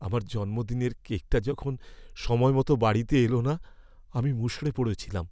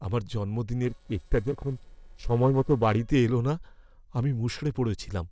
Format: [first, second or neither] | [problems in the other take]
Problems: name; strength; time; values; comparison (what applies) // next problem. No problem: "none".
first | noise reduction (neural separator model SepFormer DNS4)